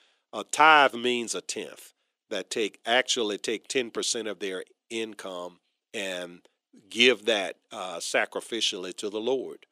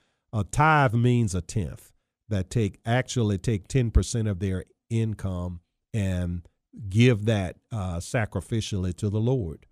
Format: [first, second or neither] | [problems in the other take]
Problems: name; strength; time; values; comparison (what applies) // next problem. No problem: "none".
second | thin; very; fading below 350 Hz